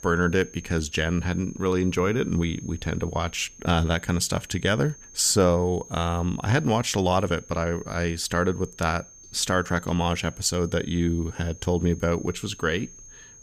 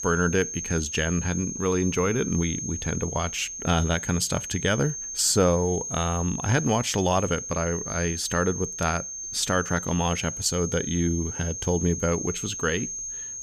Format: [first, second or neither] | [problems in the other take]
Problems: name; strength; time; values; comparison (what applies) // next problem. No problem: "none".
first | high-pitched whine; loud; throughout; 6.5 kHz, 6 dB below the speech; faint in the first